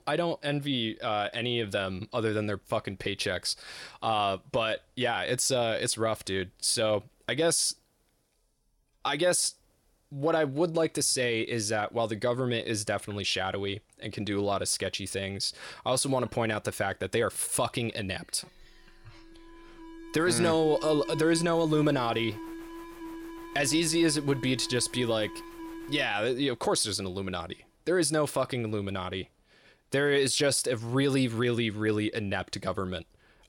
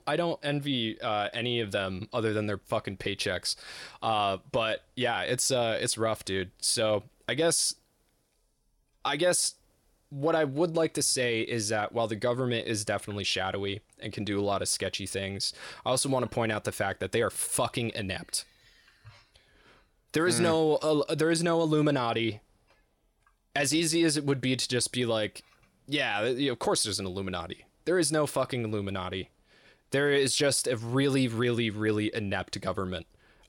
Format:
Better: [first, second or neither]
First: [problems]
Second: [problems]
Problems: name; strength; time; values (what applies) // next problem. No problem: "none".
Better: second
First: alarm; noticeable; from 18 to 26 s; peak 7 dB below the speech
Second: none